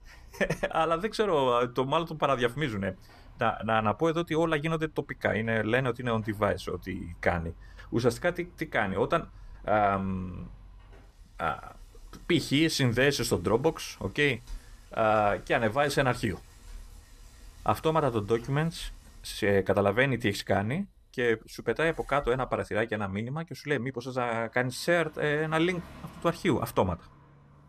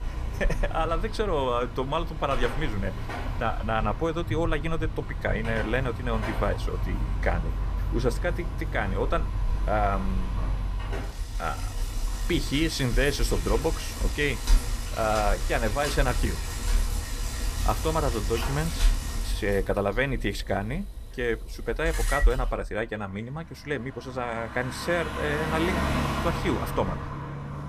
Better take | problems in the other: first | traffic noise; loud; throughout; 3 dB below the speech; faint in the first

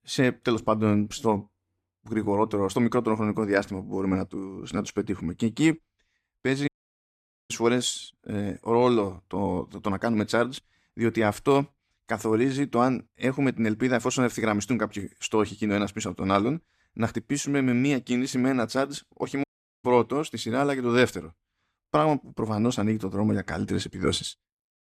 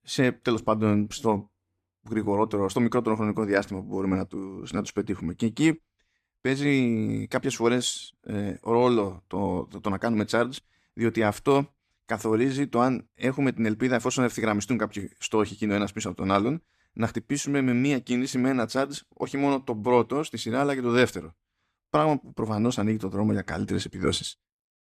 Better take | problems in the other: second | audio cutting out; at 6.5 s for 1 s and at 19 s

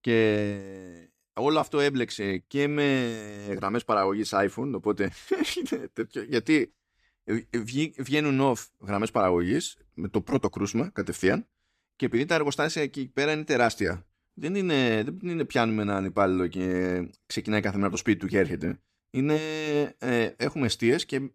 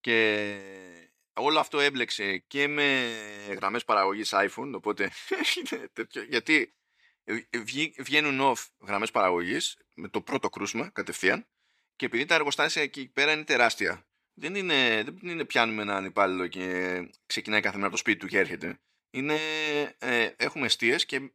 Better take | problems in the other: first | thin; somewhat; fading below 1 kHz

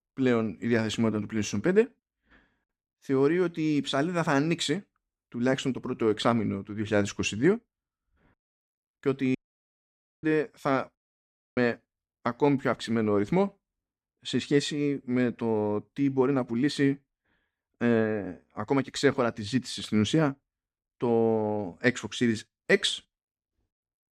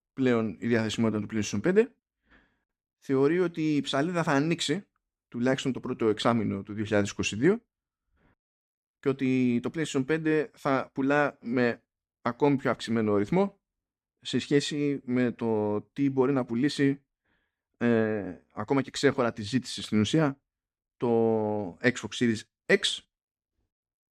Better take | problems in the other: second | audio cutting out; at 9.5 s for 1 s and at 11 s for 0.5 s

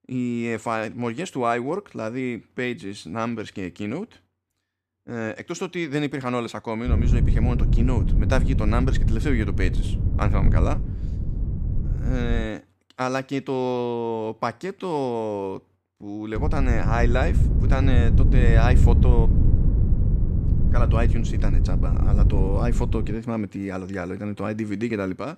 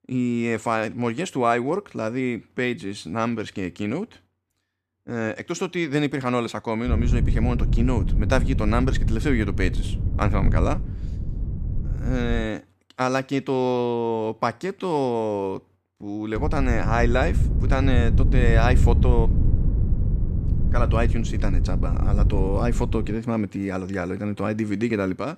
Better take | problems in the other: second | wind noise on the microphone; heavy; from 7 to 12 s and from 16 to 23 s; 7 dB below the speech; occasional gusts in the second

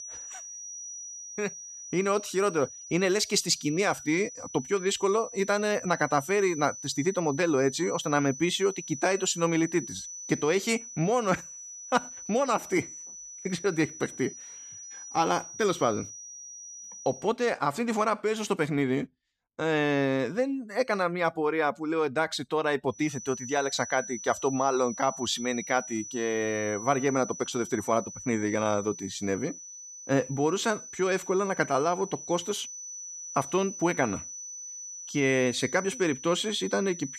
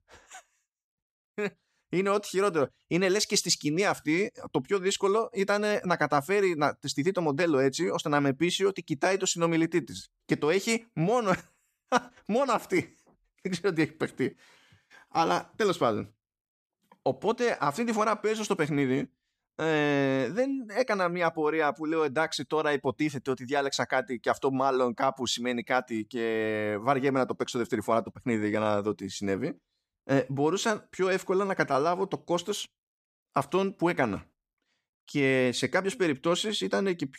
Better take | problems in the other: second | high-pitched whine; noticeable; until 17 s and from 23 s on; 6 kHz, 10 dB below the speech

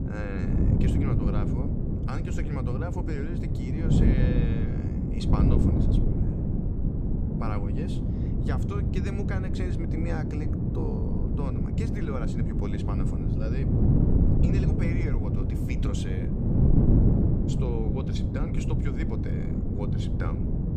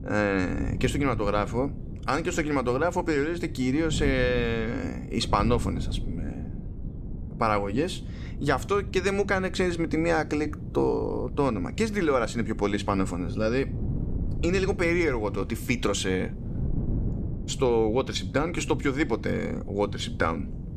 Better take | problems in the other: second | wind noise on the microphone; heavy; 4 dB above the speech; occasional gusts in the second

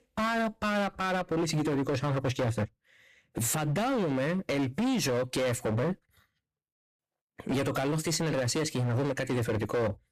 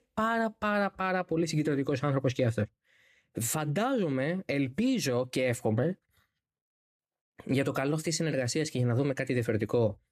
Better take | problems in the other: second | distortion; heavy; 21% of the sound clipped

